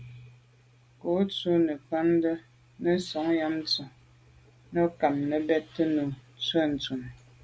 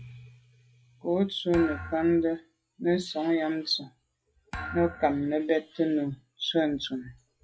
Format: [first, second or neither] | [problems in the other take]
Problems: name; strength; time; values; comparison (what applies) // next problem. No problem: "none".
first | noise reduction (classical method log-MMSE)